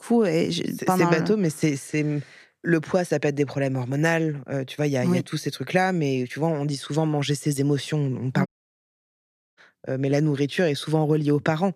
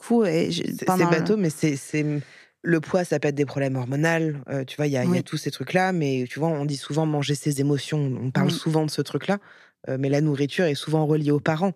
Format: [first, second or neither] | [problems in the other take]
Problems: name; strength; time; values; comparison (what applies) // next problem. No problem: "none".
second | audio cutting out; at 8.5 s for 1 s